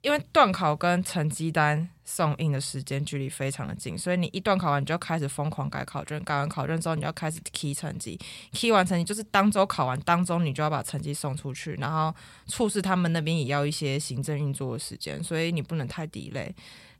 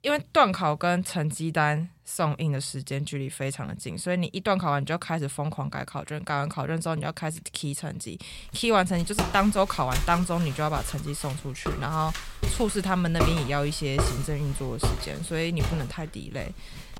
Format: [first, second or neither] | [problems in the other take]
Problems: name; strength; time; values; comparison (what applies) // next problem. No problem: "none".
first | footsteps; loud; from 9 s on; peak 1 dB above the speech